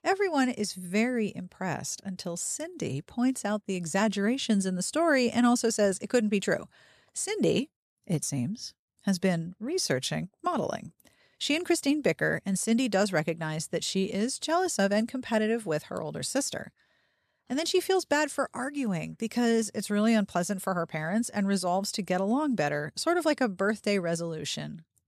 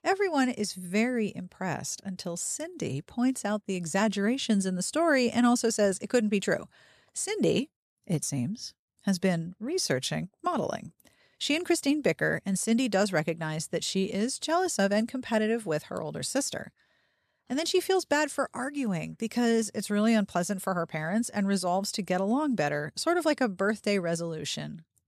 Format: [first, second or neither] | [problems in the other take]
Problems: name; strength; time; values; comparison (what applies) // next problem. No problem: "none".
neither | none